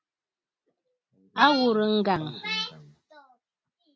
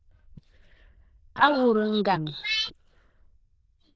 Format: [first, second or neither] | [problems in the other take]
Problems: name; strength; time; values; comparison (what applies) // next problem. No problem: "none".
first | noise reduction (neural diffusion model UNIVERSE++)